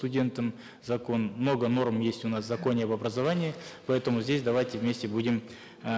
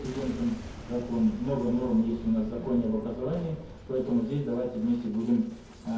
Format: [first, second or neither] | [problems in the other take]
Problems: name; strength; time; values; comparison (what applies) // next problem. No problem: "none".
first | background sound (Boom); 14 dB below the speech // room echo; dies away in 0.6 s